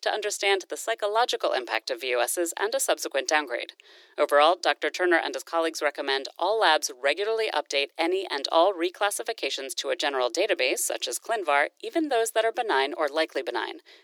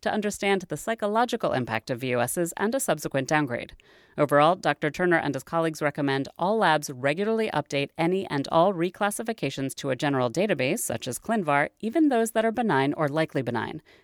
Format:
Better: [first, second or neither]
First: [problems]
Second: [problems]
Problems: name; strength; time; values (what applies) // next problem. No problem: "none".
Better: second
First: thin; very; fading below 350 Hz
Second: none